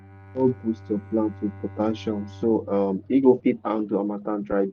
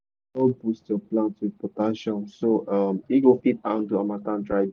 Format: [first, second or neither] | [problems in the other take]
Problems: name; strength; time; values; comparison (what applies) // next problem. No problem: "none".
second | background sound (Bowed string instrument); 19 dB below the speech